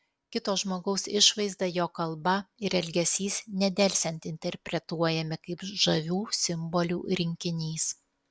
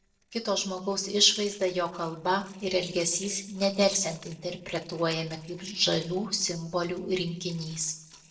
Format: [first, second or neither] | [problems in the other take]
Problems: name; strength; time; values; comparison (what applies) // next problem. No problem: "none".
first | noise reduction (neural separator model SepFormer DNS4)